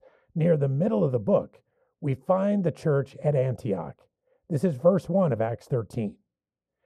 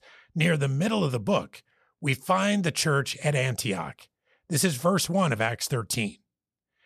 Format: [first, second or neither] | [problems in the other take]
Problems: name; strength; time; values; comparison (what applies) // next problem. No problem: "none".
second | muffled; very; fading above 1.5 kHz